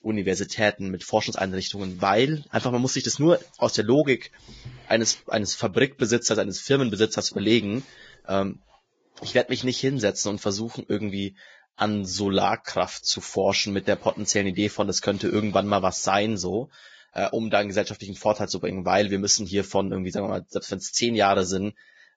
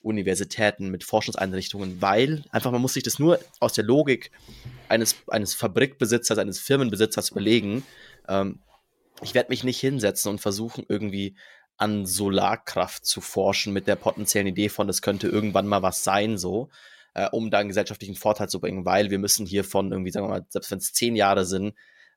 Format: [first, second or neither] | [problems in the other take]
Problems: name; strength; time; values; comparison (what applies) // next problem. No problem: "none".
second | garbled, watery; badly